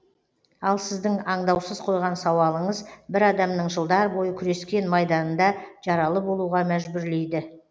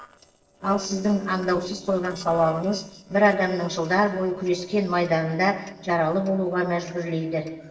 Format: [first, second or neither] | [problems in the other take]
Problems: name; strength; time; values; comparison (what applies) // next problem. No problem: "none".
first | noise reduction (neural separator model SepFormer DNS4)